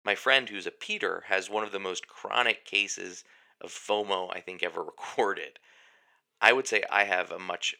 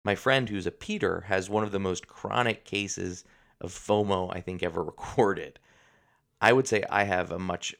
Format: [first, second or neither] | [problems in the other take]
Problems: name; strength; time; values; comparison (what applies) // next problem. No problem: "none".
second | thin; somewhat; fading below 450 Hz